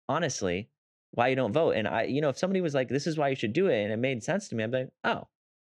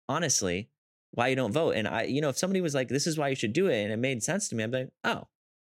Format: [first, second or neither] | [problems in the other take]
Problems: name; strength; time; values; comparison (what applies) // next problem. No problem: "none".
second | muffled; slightly; fading above 4 kHz